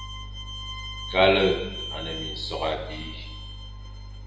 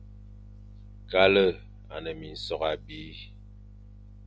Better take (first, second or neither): second